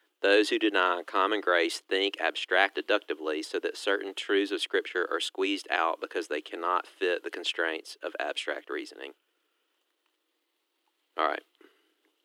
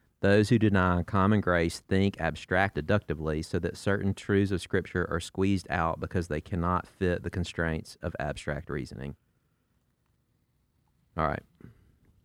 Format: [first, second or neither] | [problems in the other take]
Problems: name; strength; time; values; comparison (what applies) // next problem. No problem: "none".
second | thin; very; fading below 300 Hz